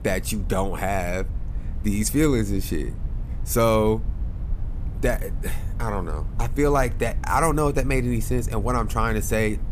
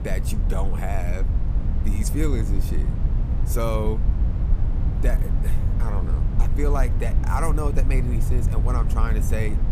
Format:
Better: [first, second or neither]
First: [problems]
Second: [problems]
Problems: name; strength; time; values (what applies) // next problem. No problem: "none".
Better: first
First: low rumble; faint; throughout; 20 dB below the speech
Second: low rumble; loud; throughout; 7 dB below the speech